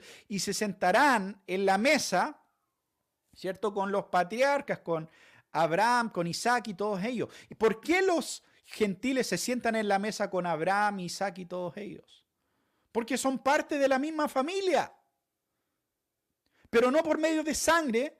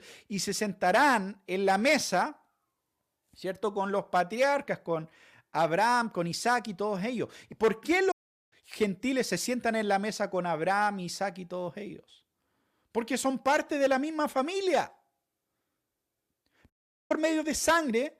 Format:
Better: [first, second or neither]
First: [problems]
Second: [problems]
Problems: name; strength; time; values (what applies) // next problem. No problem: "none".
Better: first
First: none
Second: audio cutting out; at 8 s and at 17 s